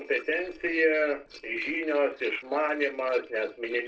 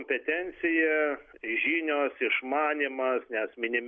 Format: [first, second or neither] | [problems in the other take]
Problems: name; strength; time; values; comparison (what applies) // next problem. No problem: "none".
second | noise reduction (neural separator model SepFormer DNS4)